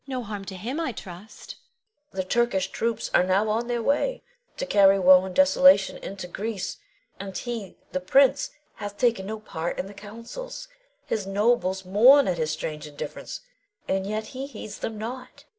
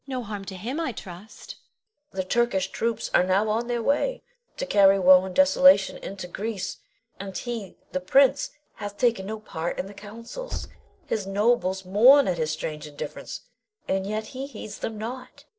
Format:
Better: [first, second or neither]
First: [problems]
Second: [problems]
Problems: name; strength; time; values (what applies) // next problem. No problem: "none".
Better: first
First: none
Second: noise reduction (neural separator model SepFormer DNS4)